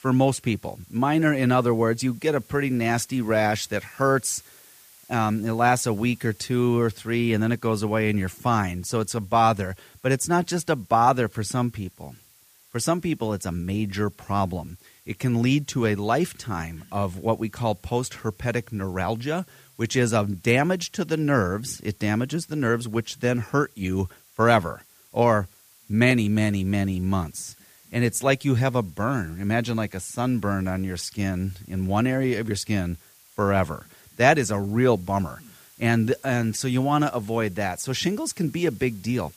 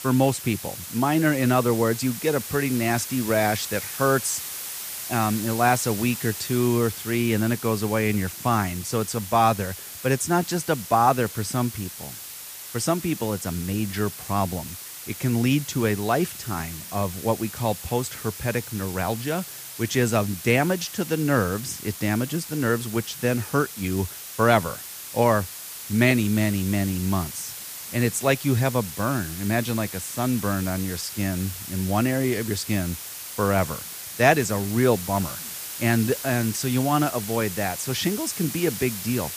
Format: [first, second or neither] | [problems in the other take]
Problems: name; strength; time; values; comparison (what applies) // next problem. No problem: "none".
first | hiss; loud; throughout; 9 dB below the speech; faint in the first